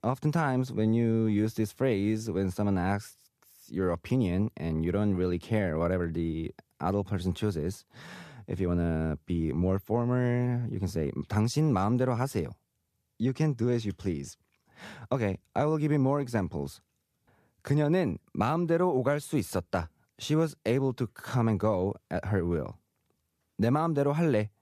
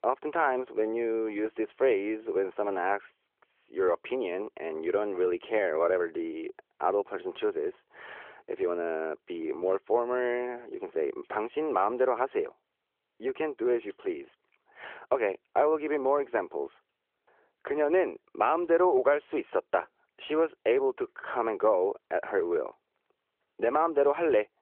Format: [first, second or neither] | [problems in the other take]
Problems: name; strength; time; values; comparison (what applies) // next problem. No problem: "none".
first | phone-call audio; nothing above 3.5 kHz